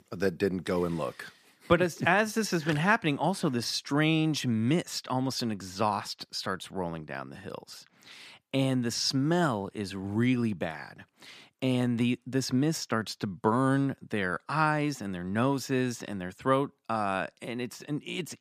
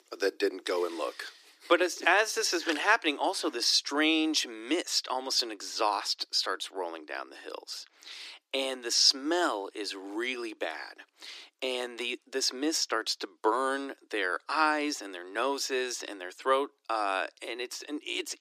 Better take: first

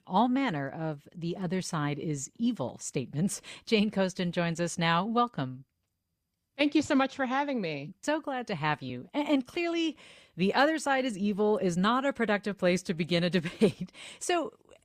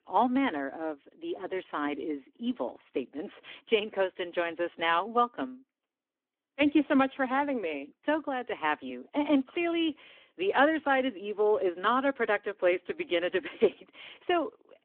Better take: first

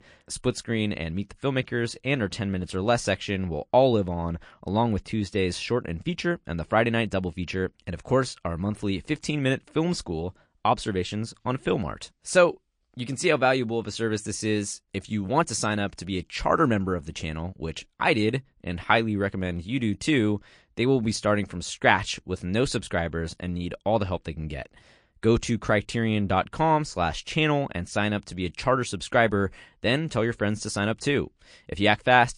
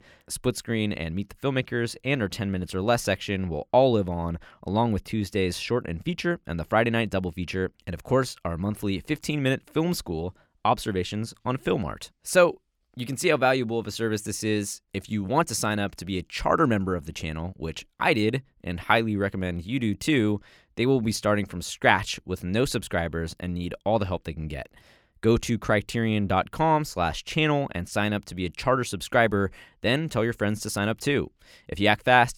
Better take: second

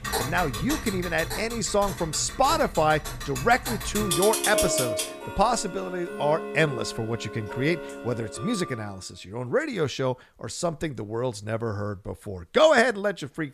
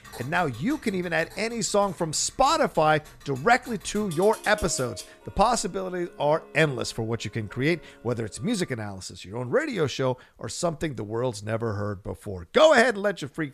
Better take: second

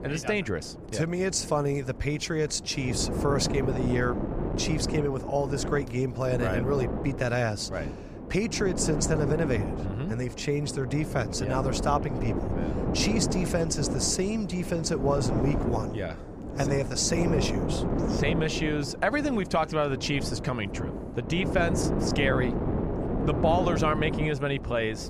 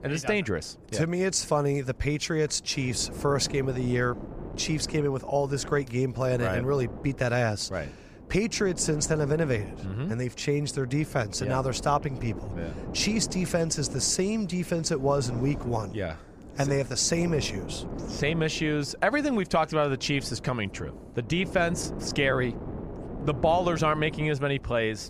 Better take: second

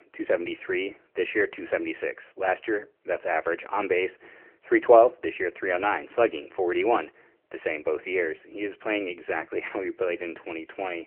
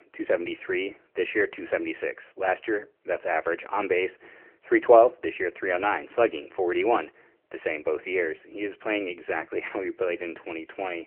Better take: neither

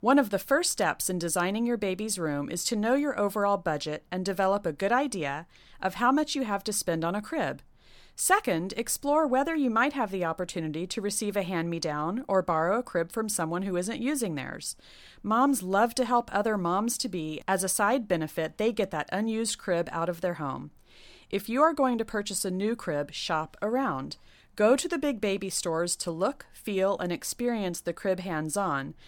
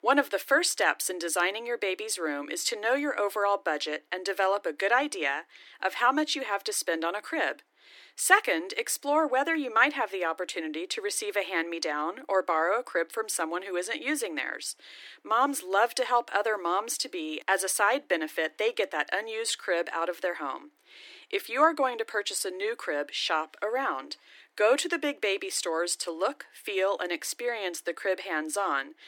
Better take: first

